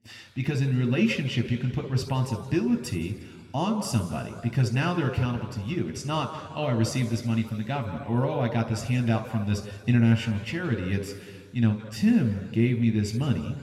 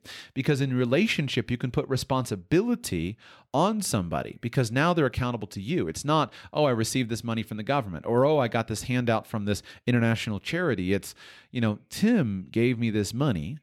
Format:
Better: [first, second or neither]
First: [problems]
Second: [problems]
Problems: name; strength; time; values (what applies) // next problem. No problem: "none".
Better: second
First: room echo; noticeable; dies away in 1.7 s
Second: none